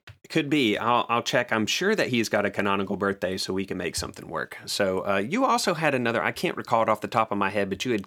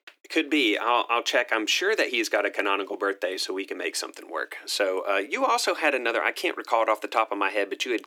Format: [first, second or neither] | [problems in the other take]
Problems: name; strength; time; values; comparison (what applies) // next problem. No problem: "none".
first | thin; somewhat; fading below 300 Hz